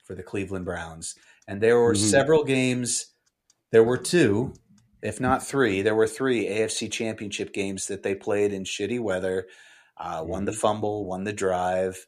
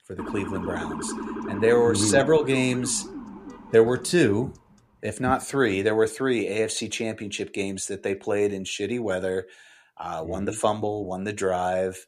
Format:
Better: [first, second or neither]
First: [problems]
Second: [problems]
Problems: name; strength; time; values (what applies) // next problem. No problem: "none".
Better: first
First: none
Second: siren; noticeable; until 4 s; peak 7 dB below the speech